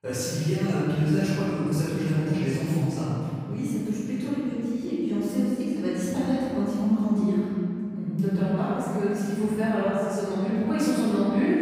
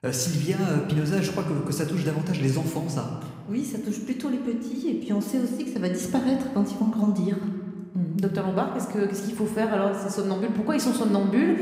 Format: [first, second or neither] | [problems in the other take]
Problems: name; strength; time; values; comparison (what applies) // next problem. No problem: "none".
second | room echo; strong; dies away in 3 s; slight in the second // off-mic speech; far